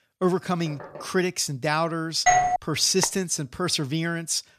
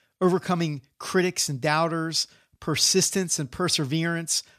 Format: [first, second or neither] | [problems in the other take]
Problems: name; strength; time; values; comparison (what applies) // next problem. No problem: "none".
second | door banging; faint; at 0.5 s; peak 15 dB below the speech // doorbell; loud; at 2.5 s; peak 5 dB above the speech // phone ringing; very faint; at 3 s; peak 10 dB below the speech